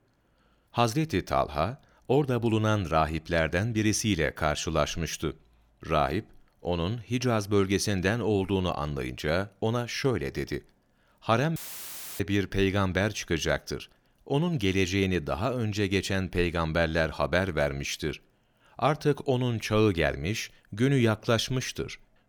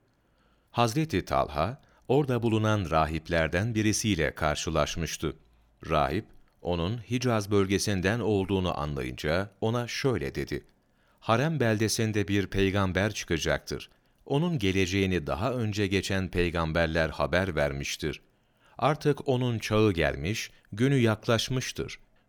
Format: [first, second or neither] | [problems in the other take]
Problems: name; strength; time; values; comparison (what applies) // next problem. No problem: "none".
second | audio cutting out; filled with static; at 12 s for 0.5 s